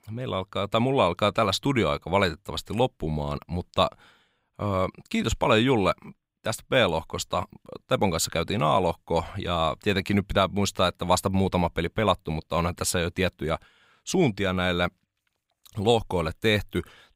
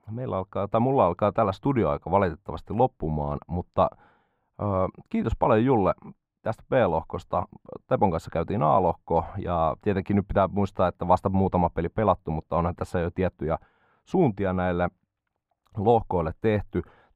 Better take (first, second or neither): first